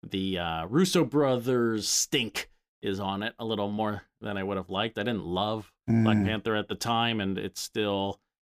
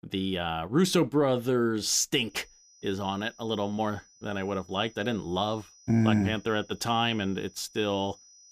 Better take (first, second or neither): first